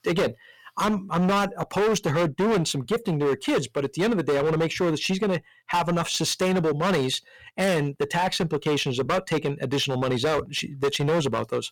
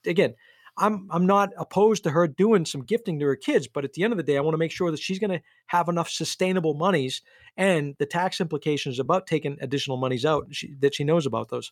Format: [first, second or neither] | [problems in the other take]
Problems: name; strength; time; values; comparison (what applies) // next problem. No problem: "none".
second | distortion; heavy; 18% of the sound clipped